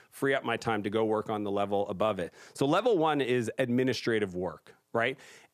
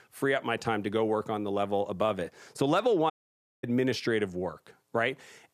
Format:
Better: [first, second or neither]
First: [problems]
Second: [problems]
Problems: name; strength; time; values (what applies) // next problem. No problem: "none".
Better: first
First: none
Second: audio cutting out; at 3 s for 0.5 s